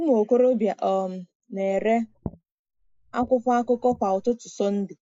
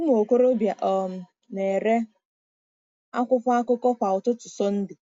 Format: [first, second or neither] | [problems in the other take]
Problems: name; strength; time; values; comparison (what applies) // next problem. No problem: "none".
second | noise reduction (neural mask model Resemble Enhance denoiser)